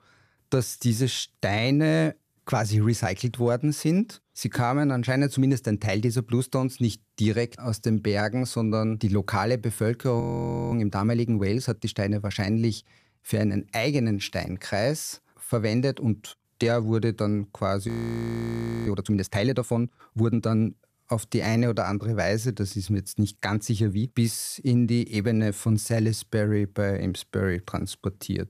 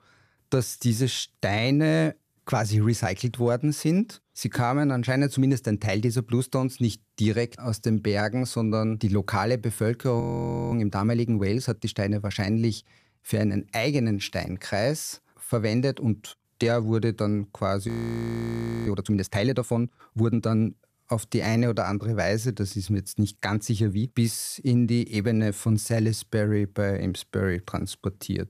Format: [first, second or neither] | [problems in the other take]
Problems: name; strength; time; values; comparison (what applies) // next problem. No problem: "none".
neither | audio freezing; at 10 s for 0.5 s and at 18 s for 1 s; the same in both